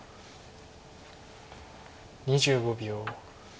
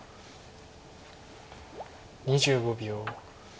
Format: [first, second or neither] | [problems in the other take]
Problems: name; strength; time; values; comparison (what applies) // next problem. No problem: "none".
first | background sound (Water / Liquid); 19 dB below the speech